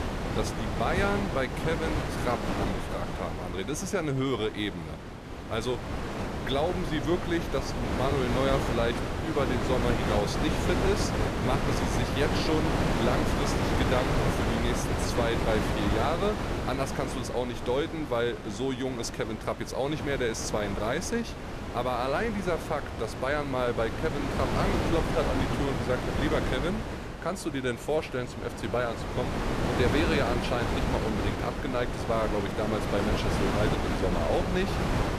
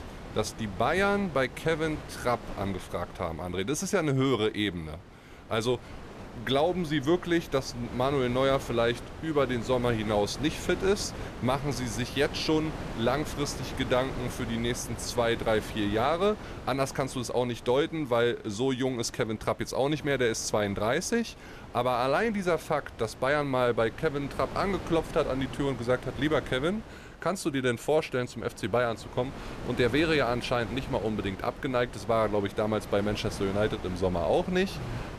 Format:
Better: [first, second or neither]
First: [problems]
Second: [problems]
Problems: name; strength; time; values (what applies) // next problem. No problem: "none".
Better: second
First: wind noise on the microphone; heavy; 1 dB below the speech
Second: wind noise on the microphone; occasional gusts; 15 dB below the speech